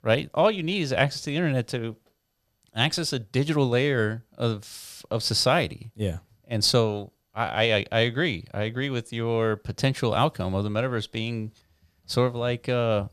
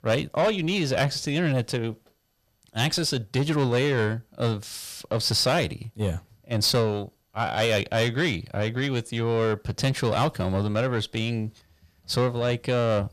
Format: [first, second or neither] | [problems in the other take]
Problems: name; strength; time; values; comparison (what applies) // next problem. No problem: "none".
first | distortion; slight; 10 dB below the speech